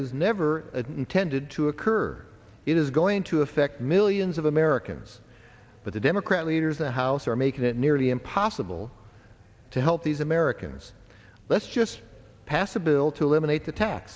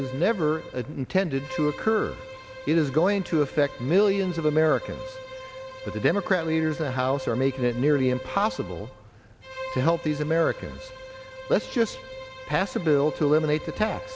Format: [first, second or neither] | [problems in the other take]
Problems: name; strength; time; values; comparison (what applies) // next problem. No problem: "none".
first | background sound (Bowed string instrument); 14 dB below the speech